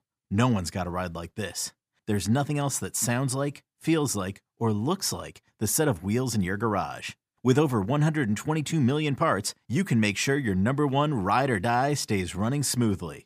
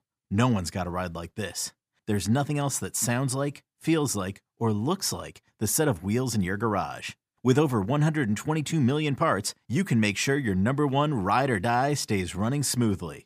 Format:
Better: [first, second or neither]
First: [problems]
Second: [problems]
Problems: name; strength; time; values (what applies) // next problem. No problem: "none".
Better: neither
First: none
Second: none